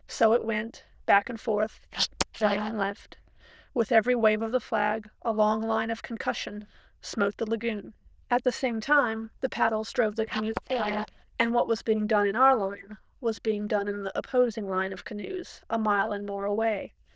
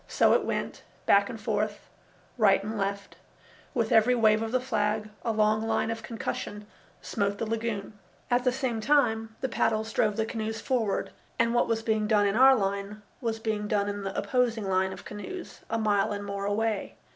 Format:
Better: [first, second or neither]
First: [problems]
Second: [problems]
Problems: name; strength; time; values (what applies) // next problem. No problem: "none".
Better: second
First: noise reduction (neural diffusion model UNIVERSE++)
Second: none